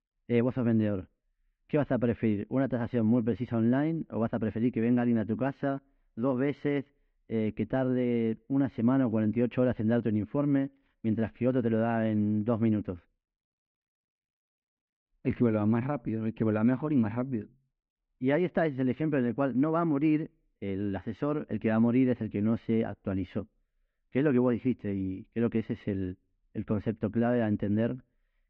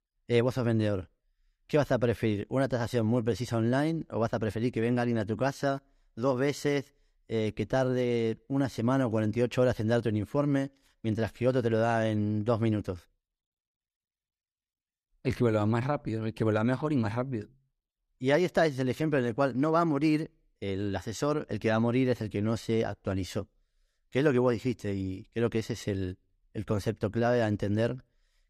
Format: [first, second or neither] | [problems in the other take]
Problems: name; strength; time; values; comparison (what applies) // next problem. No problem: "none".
second | muffled; very; fading above 2.5 kHz